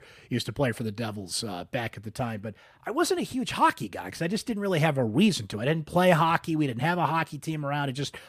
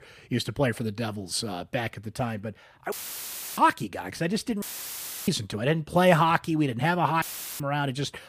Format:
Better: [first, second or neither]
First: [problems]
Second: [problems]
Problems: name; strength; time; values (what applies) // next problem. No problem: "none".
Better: first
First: none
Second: audio cutting out; filled with static; at 3 s for 0.5 s, at 4.5 s for 0.5 s and at 7 s